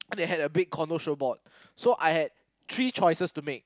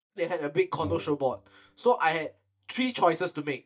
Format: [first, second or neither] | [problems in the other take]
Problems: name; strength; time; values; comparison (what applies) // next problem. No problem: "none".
first | noise reduction (neural mask model DeepFilterNet 3)